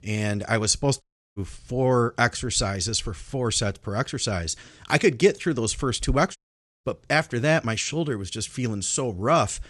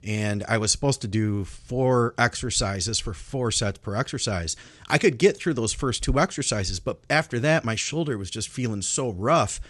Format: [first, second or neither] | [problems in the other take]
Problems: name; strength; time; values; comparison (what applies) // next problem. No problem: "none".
second | audio cutting out; at 1 s and at 6.5 s